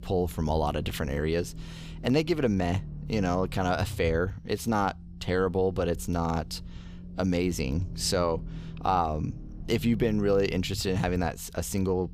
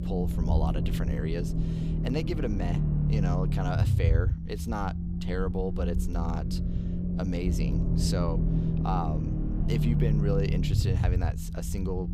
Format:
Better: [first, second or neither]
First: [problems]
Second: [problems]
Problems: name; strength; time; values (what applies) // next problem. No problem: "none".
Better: first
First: low rumble; faint; throughout; 25 dB below the speech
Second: low rumble; loud; throughout; 3 dB below the speech